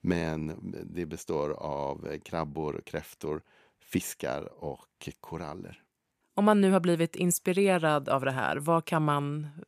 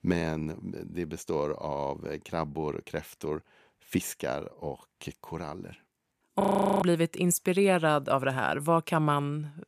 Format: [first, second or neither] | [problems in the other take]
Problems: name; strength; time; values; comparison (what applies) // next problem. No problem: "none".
first | audio freezing; at 6.5 s